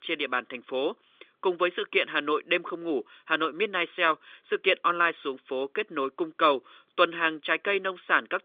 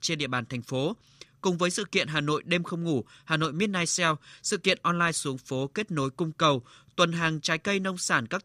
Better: second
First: phone-call audio; nothing above 3.5 kHz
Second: none

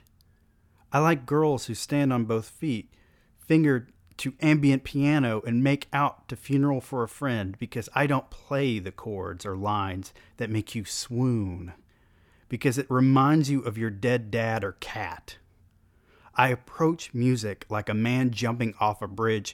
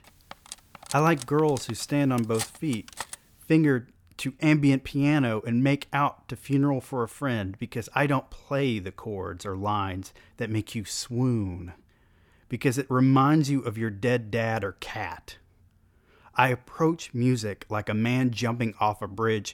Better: first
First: none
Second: clattering dishes; noticeable; until 3 s; peak 8 dB below the speech

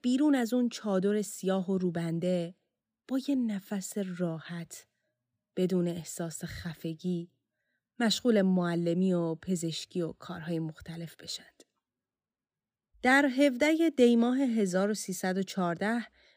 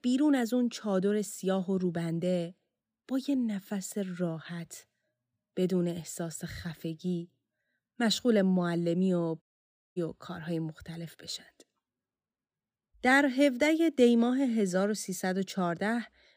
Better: first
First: none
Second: audio cutting out; at 9.5 s for 0.5 s

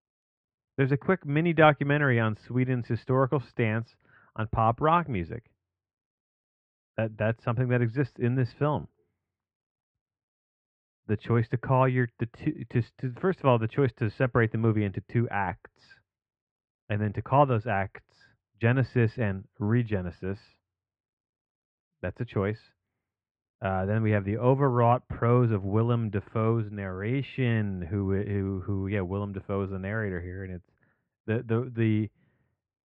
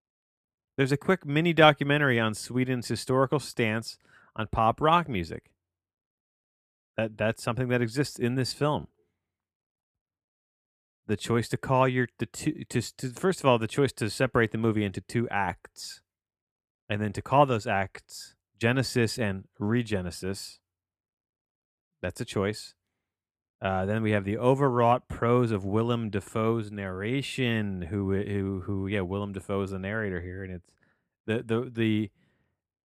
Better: second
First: muffled; very; fading above 2.5 kHz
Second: none

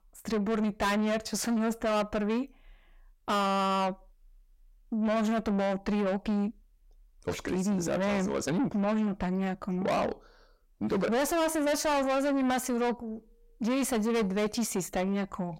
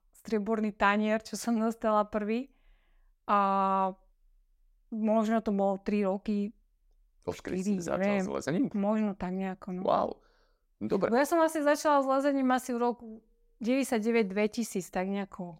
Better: second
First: distortion; heavy; 6 dB below the speech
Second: none

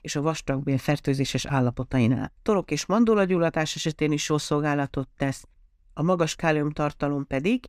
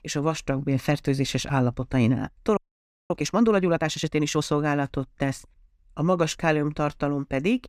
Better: first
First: none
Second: audio freezing; at 2.5 s for 0.5 s

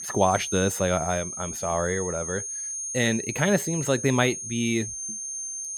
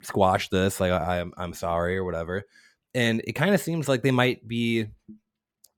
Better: second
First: high-pitched whine; loud; throughout; 6.5 kHz, 5 dB below the speech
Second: none

